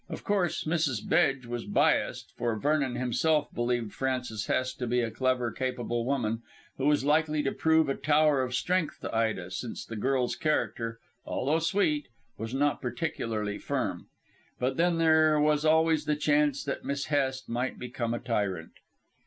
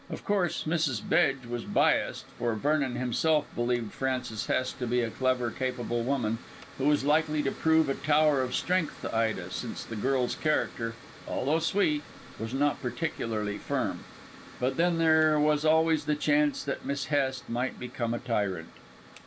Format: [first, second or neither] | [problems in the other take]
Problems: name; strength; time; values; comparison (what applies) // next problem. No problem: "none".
first | background sound (Mechanical fan); 19 dB below the speech